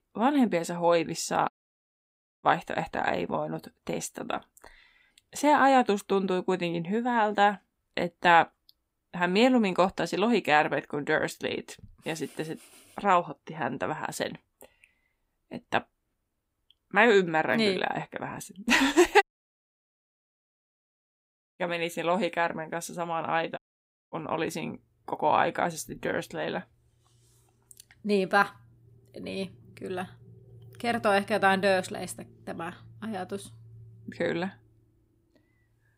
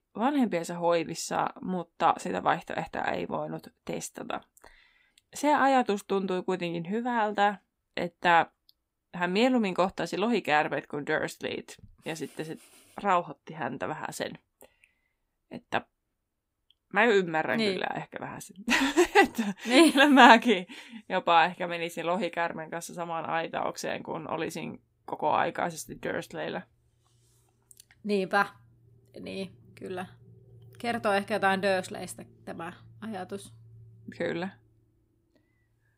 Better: second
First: audio cutting out; at 1.5 s for 1 s, at 19 s for 2.5 s and at 24 s for 0.5 s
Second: none

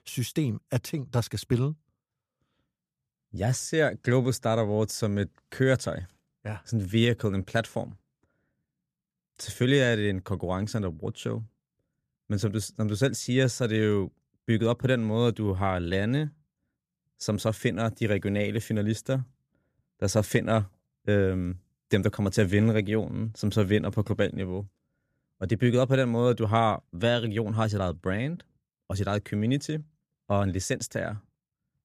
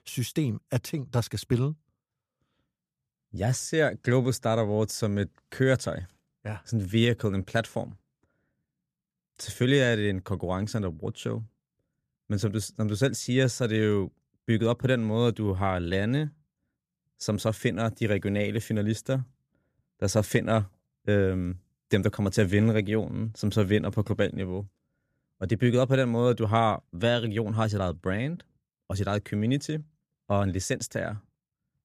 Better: neither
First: none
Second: none

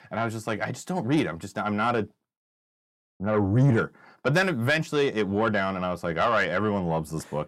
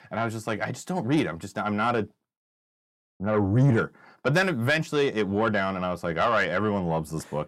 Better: neither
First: distortion; slight; 10 dB below the speech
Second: distortion; slight; 10 dB below the speech

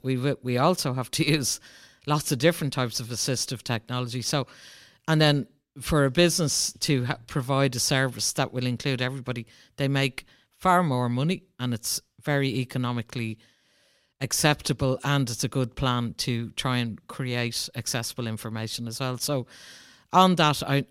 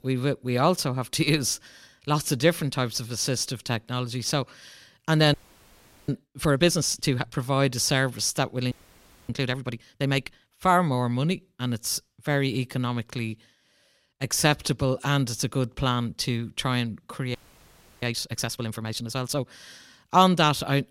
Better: first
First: none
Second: audio freezing; at 5.5 s for 0.5 s, at 8.5 s for 0.5 s and at 17 s for 0.5 s

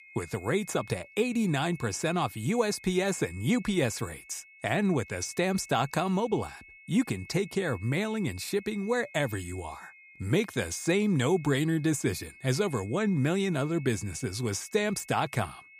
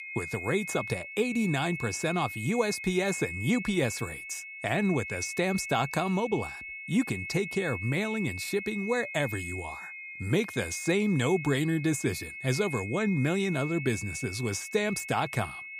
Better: first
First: high-pitched whine; faint; throughout; 2 kHz, 20 dB below the speech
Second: high-pitched whine; loud; throughout; 2 kHz, 8 dB below the speech

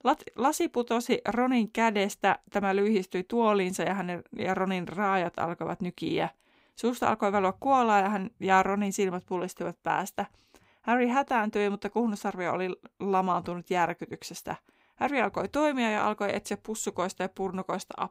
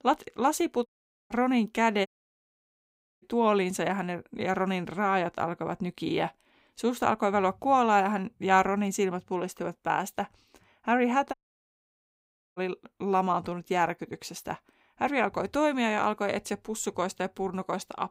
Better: first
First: none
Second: audio cutting out; at 1 s, at 2 s for 1 s and at 11 s for 1 s

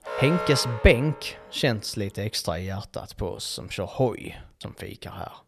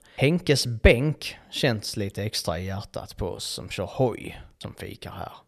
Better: second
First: alarm; noticeable; until 1.5 s; peak 3 dB below the speech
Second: none

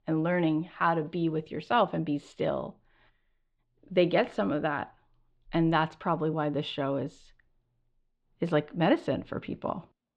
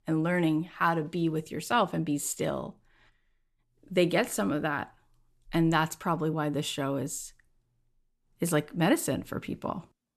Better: second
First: muffled; very; fading above 3.5 kHz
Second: none

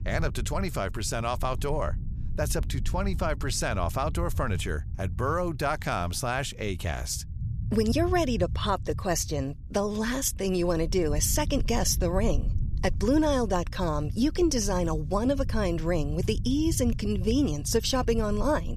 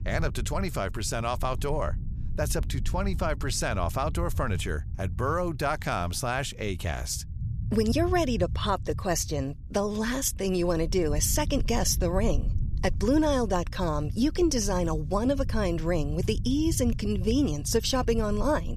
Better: neither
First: low rumble; faint; throughout; 20 dB below the speech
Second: low rumble; faint; throughout; 20 dB below the speech

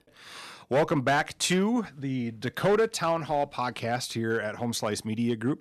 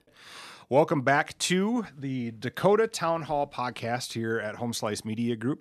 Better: second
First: distortion; slight; 4% of the sound clipped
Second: none

